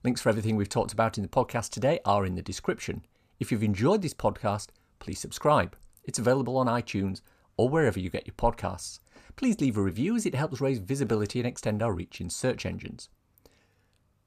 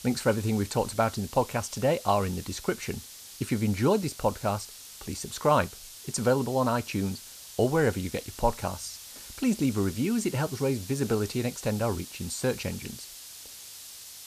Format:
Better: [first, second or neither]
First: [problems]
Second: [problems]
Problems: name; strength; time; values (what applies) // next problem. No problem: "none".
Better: first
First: none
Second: hiss; noticeable; throughout; 15 dB below the speech